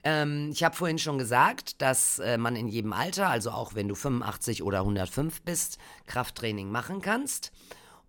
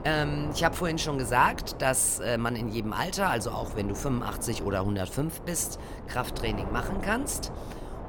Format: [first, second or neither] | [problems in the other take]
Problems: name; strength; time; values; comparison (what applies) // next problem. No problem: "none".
first | wind noise on the microphone; occasional gusts; 10 dB below the speech